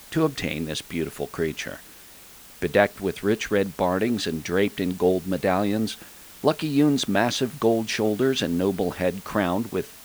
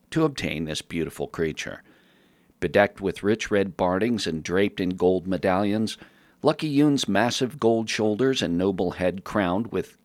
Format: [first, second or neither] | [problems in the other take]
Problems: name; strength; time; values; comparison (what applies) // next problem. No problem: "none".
second | hiss; noticeable; throughout; 20 dB below the speech